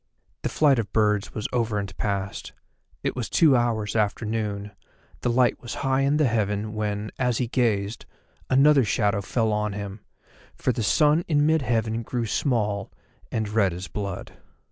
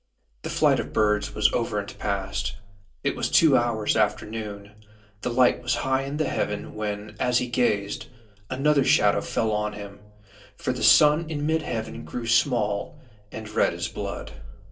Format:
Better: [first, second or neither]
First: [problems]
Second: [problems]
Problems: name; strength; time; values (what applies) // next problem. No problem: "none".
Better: first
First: none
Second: room echo; dies away in 0.2 s